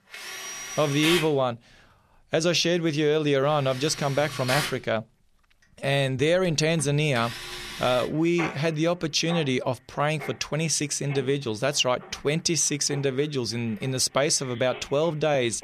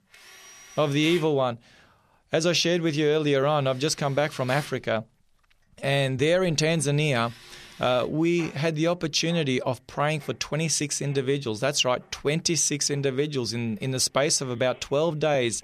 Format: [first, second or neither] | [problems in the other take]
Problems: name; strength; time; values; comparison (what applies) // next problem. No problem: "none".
second | machinery noise; loud; throughout; 9 dB below the speech; faint in the second